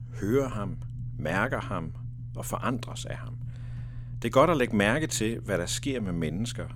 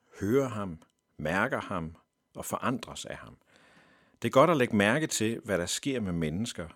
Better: second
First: low rumble; faint; throughout; 25 dB below the speech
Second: none

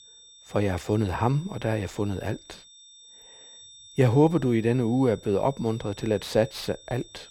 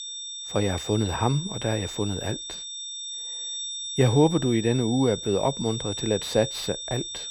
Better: first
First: high-pitched whine; faint; throughout; 3.5 kHz, 20 dB below the speech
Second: high-pitched whine; loud; throughout; 3.5 kHz, 7 dB below the speech

